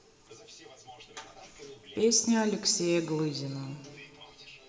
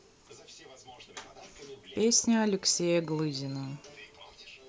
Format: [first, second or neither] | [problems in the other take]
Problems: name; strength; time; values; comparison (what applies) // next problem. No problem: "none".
second | room echo; dies away in 1.6 s